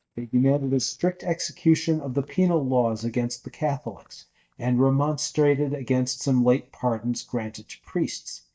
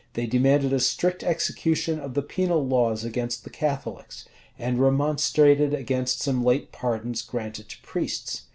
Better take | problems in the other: second | noise reduction (neural mask model DeepFilterNet 3)

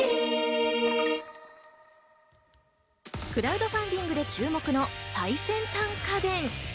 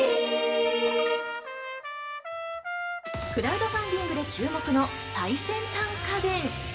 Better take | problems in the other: first | background sound (Trumpet); 9 dB below the speech // room echo; dies away in 0.9 s

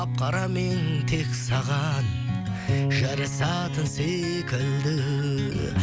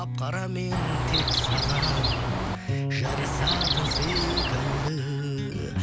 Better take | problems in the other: first | background sound (Chirp, tweet); 1 dB above the speech

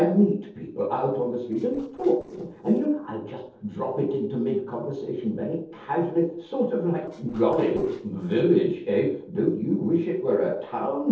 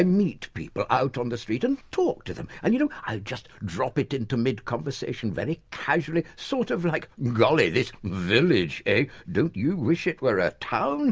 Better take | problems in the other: second | noise reduction (neural separator model SepFormer DNS4)

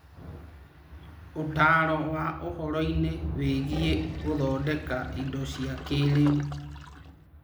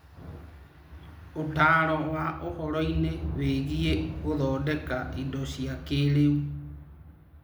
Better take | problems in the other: second | background sound (Toilet flush); 15 dB below the speech

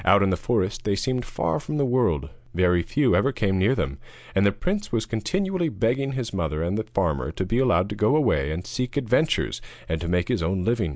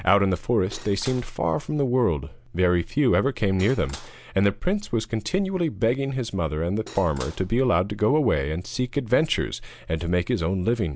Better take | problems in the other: first | background sound (Cutlery, silverware / Dishes, pots, and pans); 18 dB below the speech

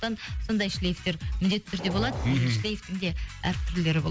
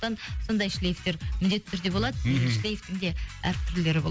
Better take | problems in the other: second | background sound (Train); 10 dB below the speech

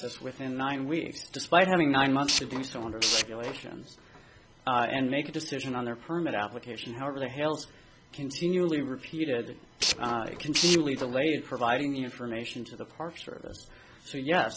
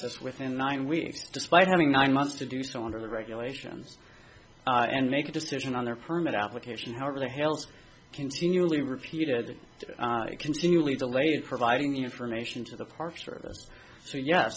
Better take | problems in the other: second | background sound (Tools); 2 dB below the speech

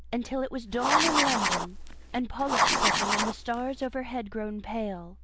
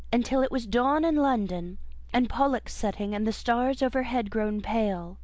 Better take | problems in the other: second | background sound (Writing); 4 dB above the speech

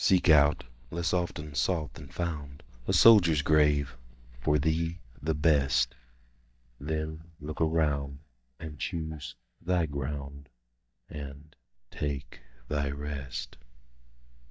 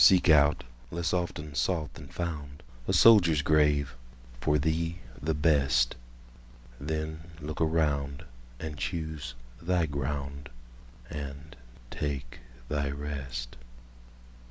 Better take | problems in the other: second | noise reduction (neural mask model DeepFilterNet 3)

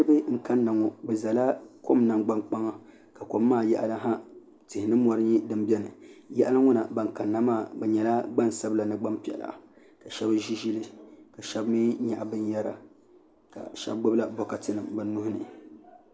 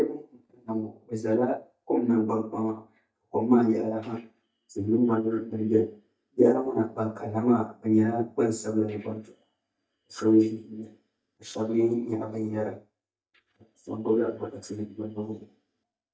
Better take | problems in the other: first | noise reduction (neural mask model DeepFilterNet 3)

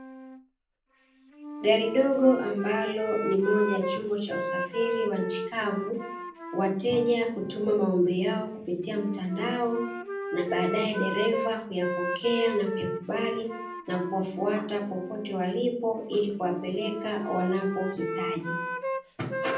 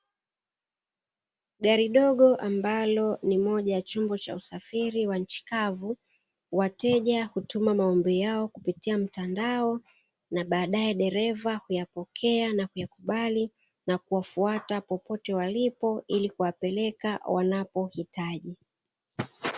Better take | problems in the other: second | background sound (Wind instrument, woodwind instrument); 7 dB below the speech // room echo; dies away in 0.6 s

